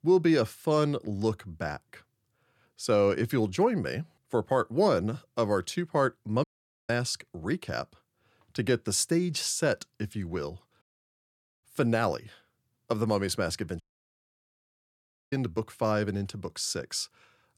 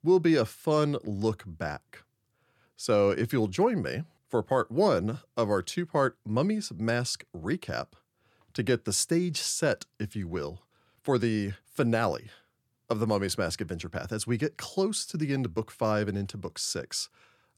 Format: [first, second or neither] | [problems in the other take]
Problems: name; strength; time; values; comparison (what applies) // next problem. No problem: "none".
second | audio cutting out; at 6.5 s, at 11 s for 1 s and at 14 s for 1.5 s